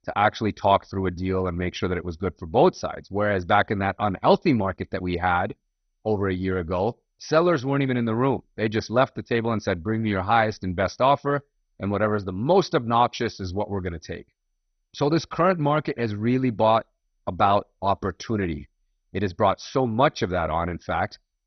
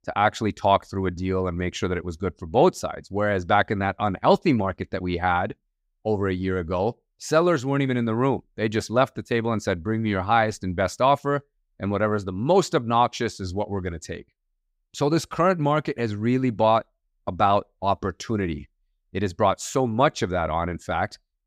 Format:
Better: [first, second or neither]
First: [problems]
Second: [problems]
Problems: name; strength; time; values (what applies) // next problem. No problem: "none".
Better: second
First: garbled, watery; badly; nothing above 6 kHz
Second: none